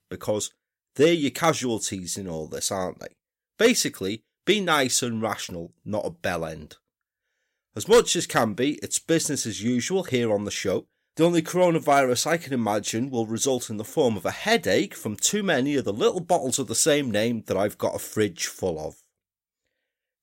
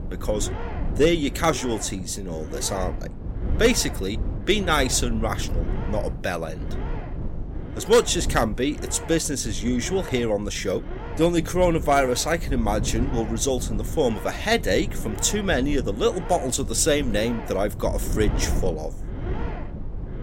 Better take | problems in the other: first | low rumble; noticeable; throughout; 15 dB below the speech

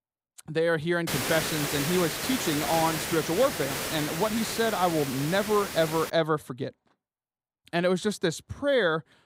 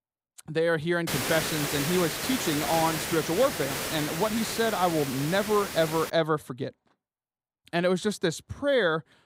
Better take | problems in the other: neither | hiss; very faint; from 1 to 6 s; 4 dB below the speech; the same in both

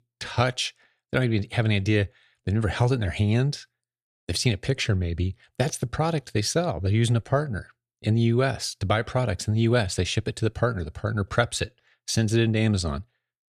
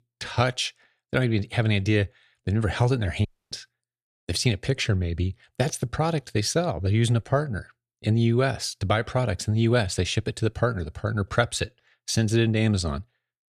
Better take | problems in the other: first | audio cutting out; at 3.5 s

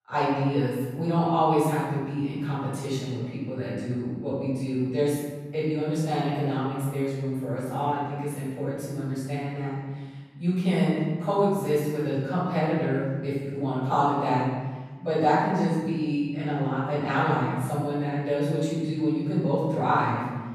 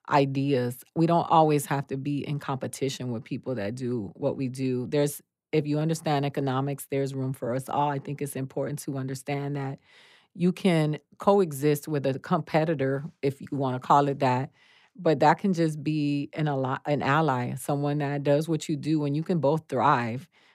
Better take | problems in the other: second | off-mic speech; far // room echo; strong; dies away in 1.4 s

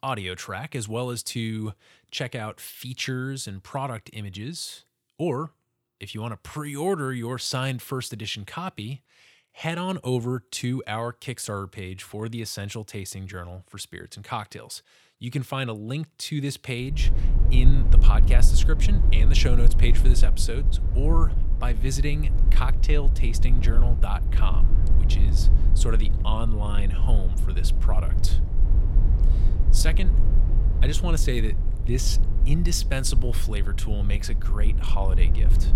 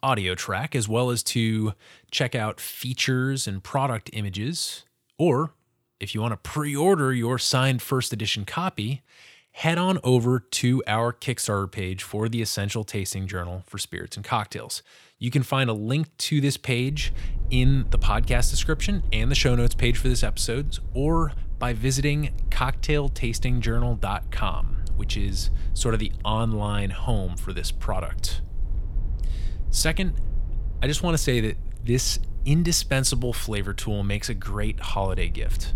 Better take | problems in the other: second | low rumble; loud; from 17 s on; 10 dB below the speech; faint in the second

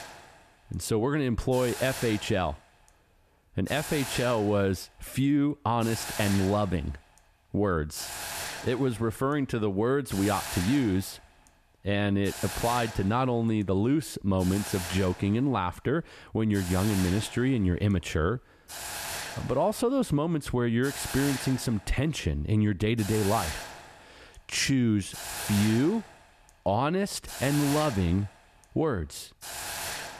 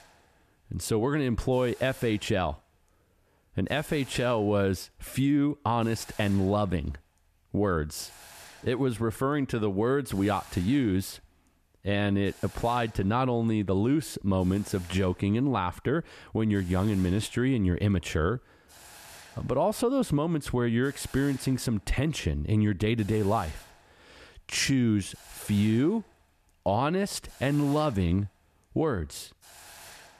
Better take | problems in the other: second | hiss; loud; throughout; 9 dB below the speech; faint in the second

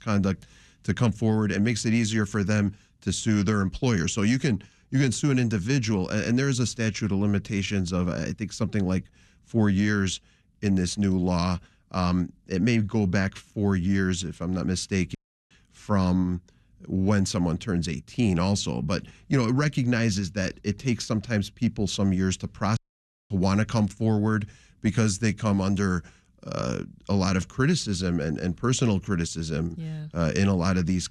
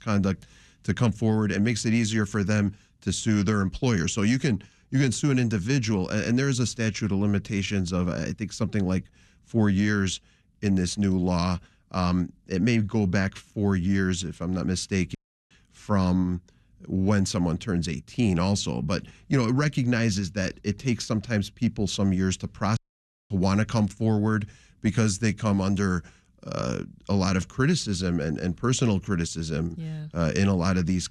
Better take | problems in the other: neither | audio cutting out; at 15 s and at 23 s for 0.5 s; the same in both

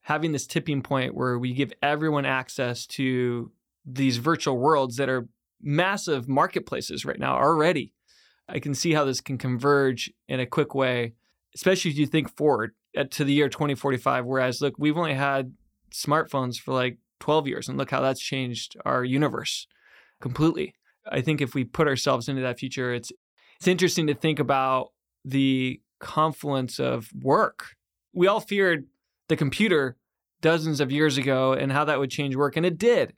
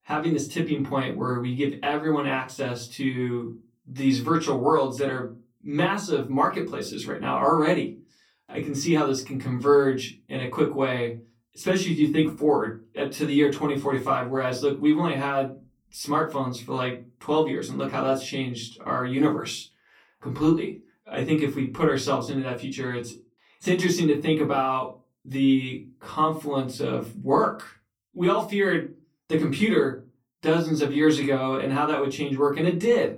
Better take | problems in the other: first | off-mic speech; far // room echo; very slight; dies away in 0.2 s

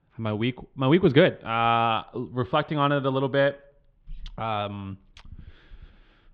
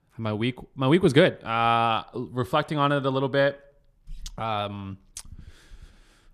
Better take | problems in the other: second | muffled; slightly; fading above 3.5 kHz

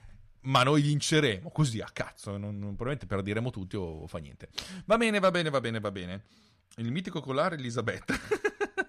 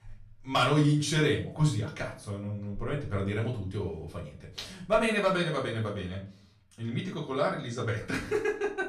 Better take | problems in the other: first | room echo; slight; dies away in 0.3 s // off-mic speech; far

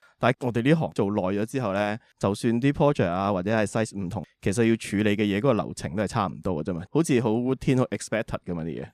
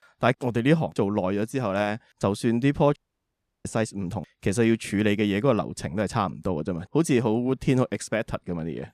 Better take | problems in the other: first | audio cutting out; at 3 s for 0.5 s

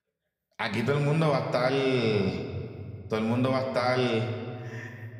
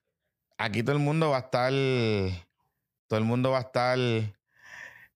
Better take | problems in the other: second | room echo; slight; dies away in 1.8 s

